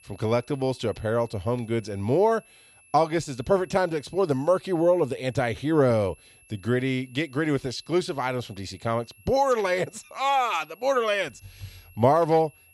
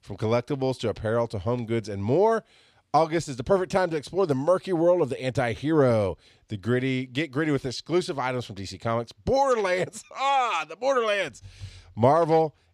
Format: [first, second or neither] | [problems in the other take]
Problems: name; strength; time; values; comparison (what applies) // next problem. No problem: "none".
second | high-pitched whine; faint; throughout; 2.5 kHz, 30 dB below the speech